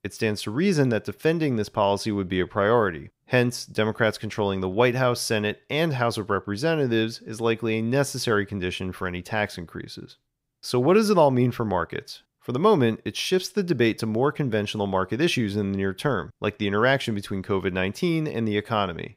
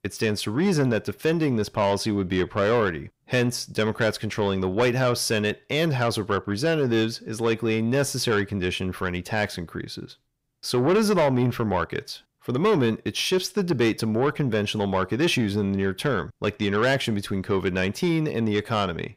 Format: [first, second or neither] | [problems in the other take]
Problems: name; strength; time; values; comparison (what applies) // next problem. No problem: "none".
first | distortion; slight; 10 dB below the speech